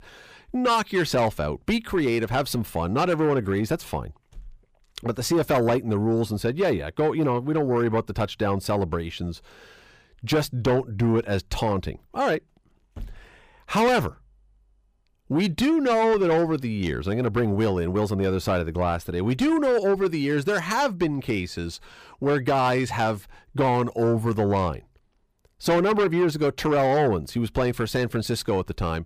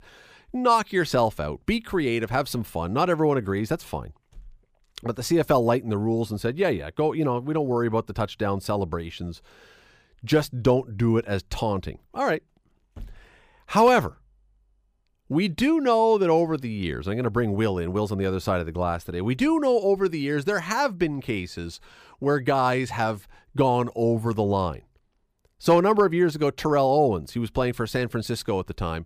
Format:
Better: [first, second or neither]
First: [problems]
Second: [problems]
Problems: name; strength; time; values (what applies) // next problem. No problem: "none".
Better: second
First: distortion; slight; 10 dB below the speech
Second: none